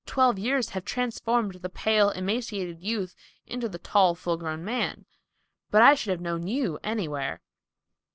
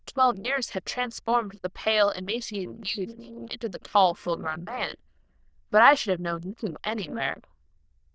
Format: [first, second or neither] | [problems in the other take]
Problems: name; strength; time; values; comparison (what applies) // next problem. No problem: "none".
first | noise reduction (neural diffusion model UNIVERSE++)